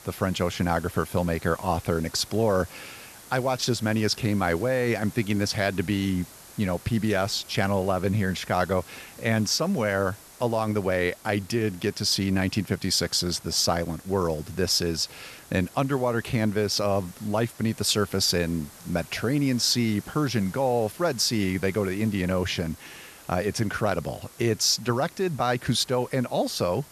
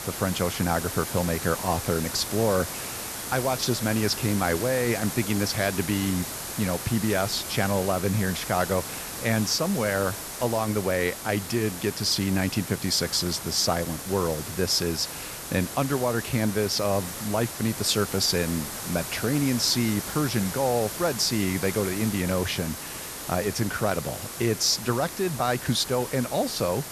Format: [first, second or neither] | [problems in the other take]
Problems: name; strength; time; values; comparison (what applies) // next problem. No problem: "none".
first | hiss; loud; throughout; 7 dB below the speech; faint in the first